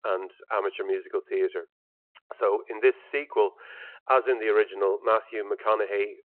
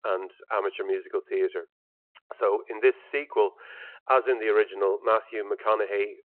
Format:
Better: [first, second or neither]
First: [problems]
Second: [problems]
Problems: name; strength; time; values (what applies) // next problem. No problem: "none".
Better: neither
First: phone-call audio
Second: phone-call audio